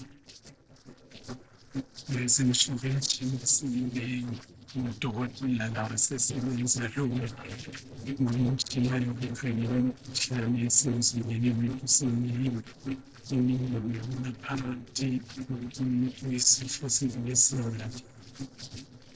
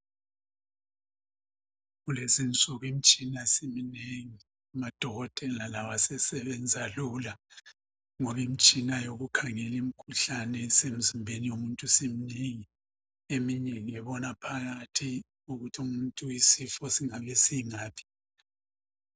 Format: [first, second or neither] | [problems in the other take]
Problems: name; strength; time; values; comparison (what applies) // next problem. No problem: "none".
second | noise reduction (neural separator model SepFormer DNS4)